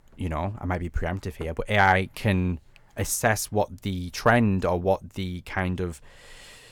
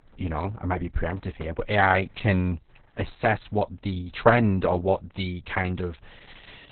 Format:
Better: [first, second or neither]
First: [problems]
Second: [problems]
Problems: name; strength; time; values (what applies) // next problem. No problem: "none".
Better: first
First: none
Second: garbled, watery; badly; nothing above 4 kHz